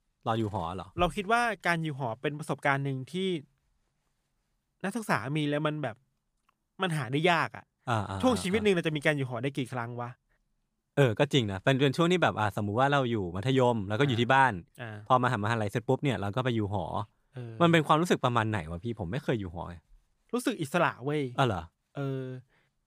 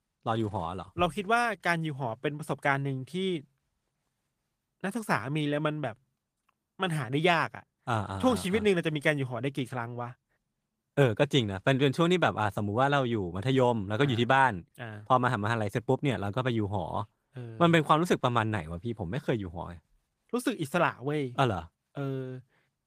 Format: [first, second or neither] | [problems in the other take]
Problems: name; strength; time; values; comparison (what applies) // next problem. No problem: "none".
first | garbled, watery; slightly; nothing above 15 kHz